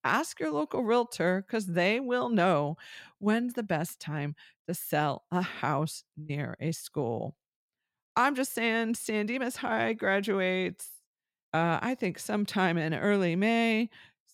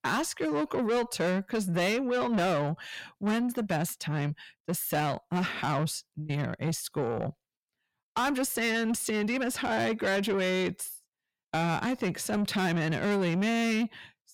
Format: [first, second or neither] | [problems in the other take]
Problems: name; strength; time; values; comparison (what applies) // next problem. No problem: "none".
first | distortion; heavy; 8 dB below the speech